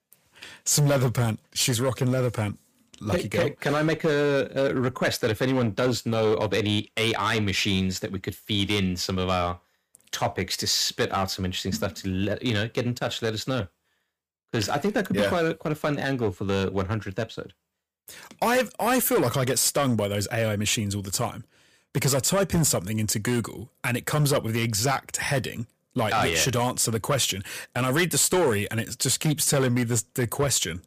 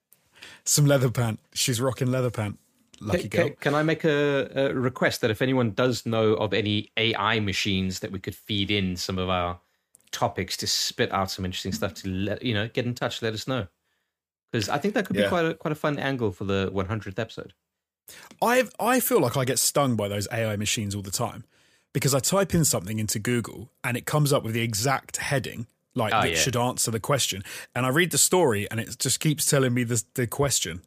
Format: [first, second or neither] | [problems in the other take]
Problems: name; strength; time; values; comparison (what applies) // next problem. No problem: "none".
second | distortion; slight; 6% of the sound clipped